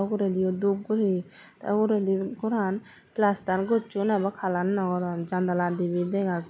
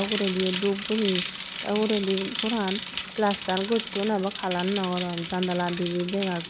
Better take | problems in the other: first | background sound (Bicycle); 7 dB below the speech

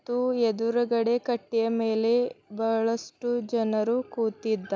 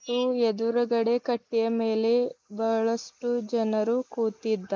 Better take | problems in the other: first | noise reduction (neural mask model Resemble Enhance denoiser)

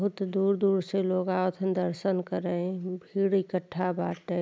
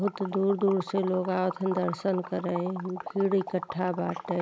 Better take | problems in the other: first | background sound (Liquid); 12 dB below the speech

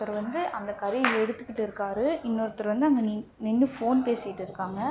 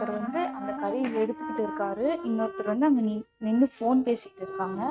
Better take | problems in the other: first | noise reduction (neural mask model RNNoise)

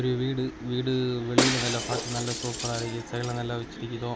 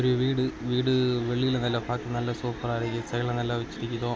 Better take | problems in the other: second | background sound (Shatter); 2 dB below the speech

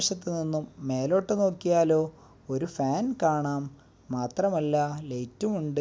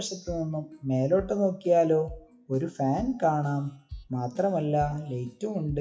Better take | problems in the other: first | noise reduction (classical method WPE with log-MMSE)

